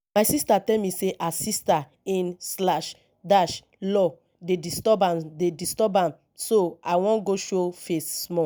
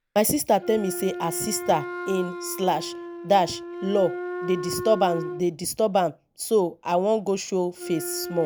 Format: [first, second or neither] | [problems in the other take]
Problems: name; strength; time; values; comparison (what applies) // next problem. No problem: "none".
first | background sound (Wind instrument, woodwind instrument); 10 dB below the speech